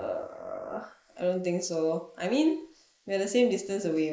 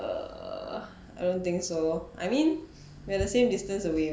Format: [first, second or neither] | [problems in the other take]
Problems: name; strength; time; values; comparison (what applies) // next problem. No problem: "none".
second | noise reduction (neural mask model Resemble Enhance denoiser)